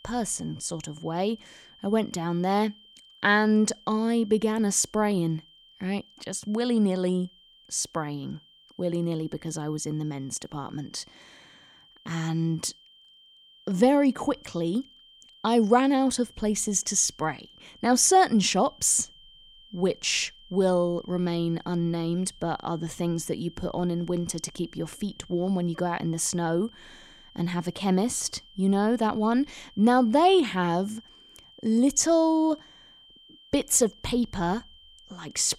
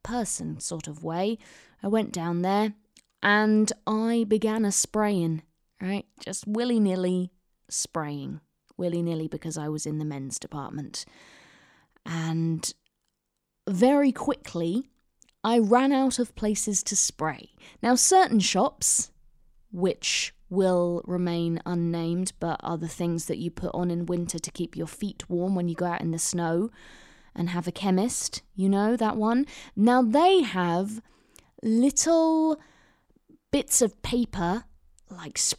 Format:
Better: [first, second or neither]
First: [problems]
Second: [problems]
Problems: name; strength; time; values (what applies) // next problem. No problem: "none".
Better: second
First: high-pitched whine; faint; throughout; 3 kHz, 25 dB below the speech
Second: none